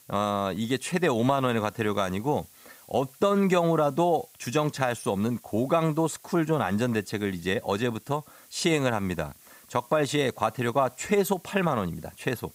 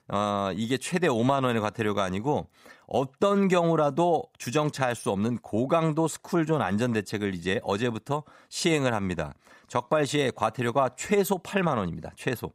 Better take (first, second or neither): second